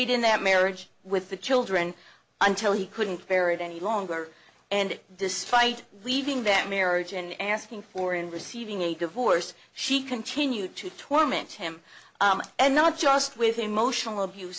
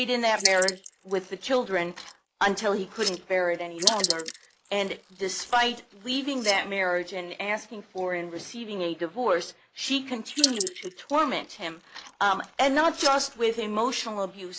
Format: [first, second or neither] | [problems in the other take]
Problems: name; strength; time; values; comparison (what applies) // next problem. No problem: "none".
first | noise reduction (neural mask model Resemble Enhance denoiser)